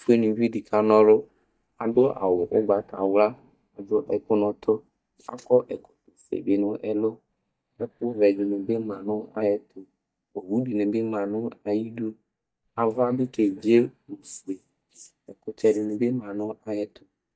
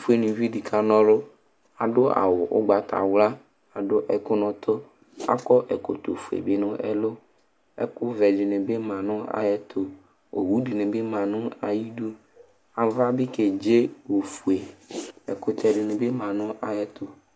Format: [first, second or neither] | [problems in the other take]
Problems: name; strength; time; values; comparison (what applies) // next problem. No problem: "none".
second | noise reduction (neural mask model DeepFilterNet 3)